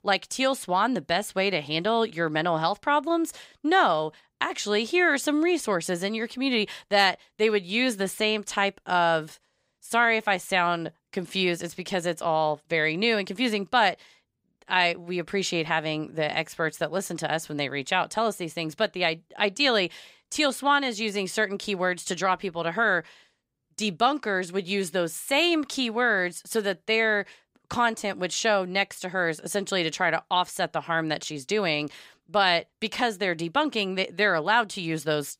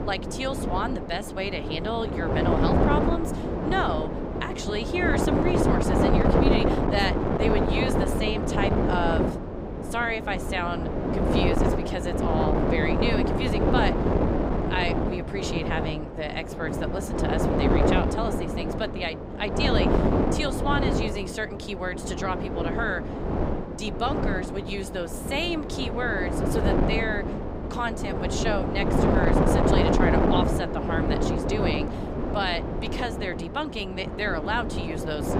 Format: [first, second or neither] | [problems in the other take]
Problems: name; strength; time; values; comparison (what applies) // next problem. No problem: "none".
first | wind noise on the microphone; heavy; 1 dB above the speech